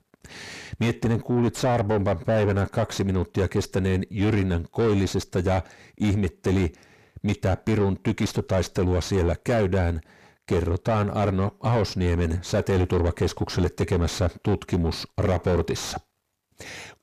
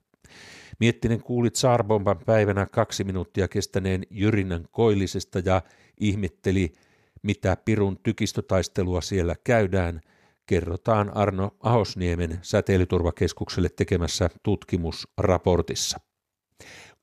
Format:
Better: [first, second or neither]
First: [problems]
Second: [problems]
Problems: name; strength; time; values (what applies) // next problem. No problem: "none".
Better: second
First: distortion; heavy; 7 dB below the speech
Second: none